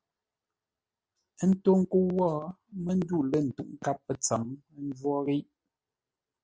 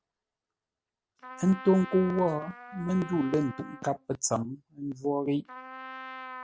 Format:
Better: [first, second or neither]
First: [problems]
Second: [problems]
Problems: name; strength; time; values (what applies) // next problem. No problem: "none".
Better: first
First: none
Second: background sound (Trumpet); 15 dB below the speech